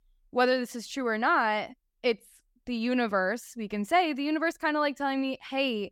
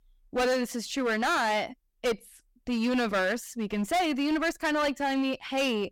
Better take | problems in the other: first | distortion; heavy; 17% of the sound clipped

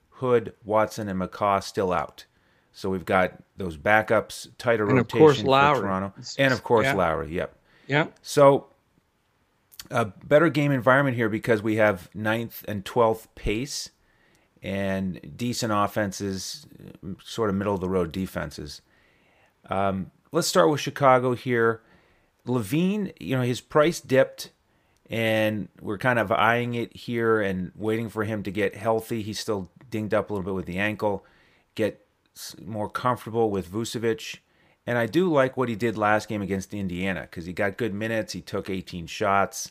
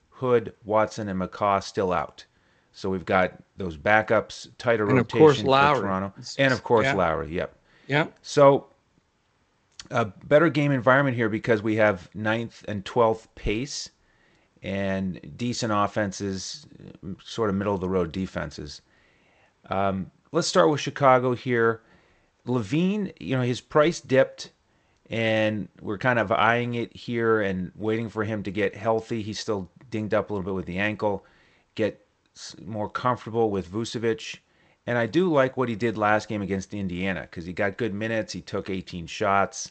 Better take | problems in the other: first | garbled, watery; slightly; nothing above 7.5 kHz

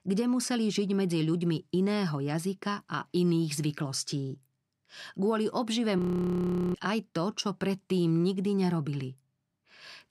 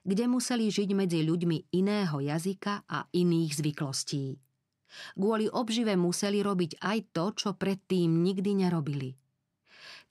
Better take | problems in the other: second | audio freezing; at 6 s for 1 s

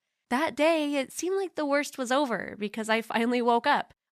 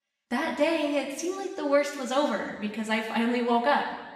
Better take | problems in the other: first | room echo; noticeable; dies away in 1.1 s // off-mic speech; far

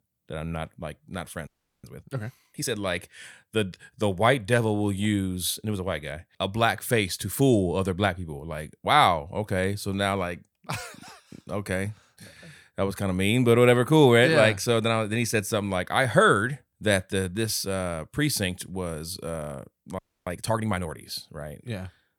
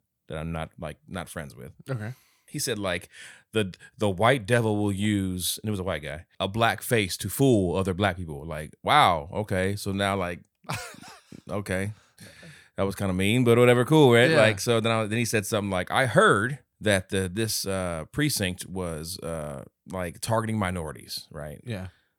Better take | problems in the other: second | audio freezing; at 1.5 s and at 20 s

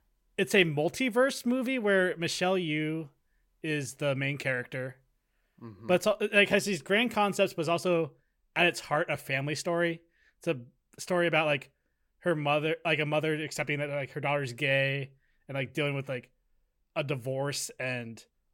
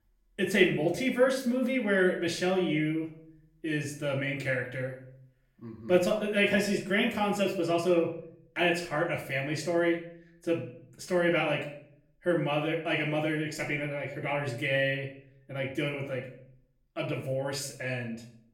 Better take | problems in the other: first | room echo; slight; dies away in 0.5 s // off-mic speech; far

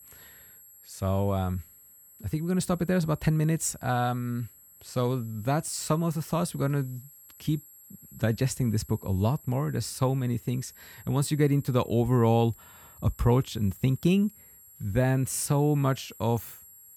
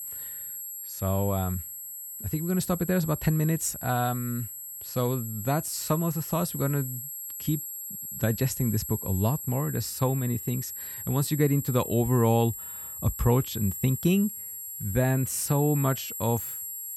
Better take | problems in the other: first | high-pitched whine; loud; throughout; 11.5 kHz, 7 dB below the speech; faint in the first

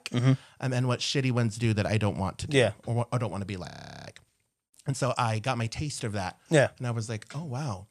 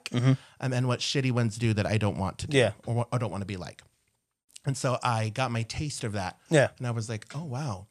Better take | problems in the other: second | audio freezing; at 3.5 s

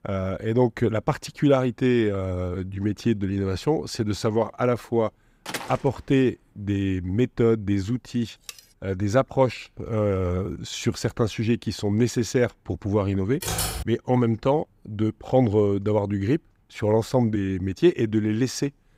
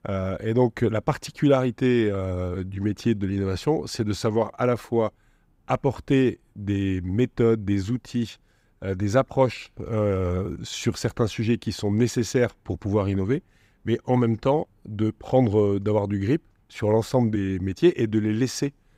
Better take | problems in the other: second | door banging; noticeable; at 5.5 s; peak 9 dB below the speech // clattering dishes; faint; at 8.5 s; peak 15 dB below the speech // keyboard typing; noticeable; at 13 s; peak 2 dB below the speech

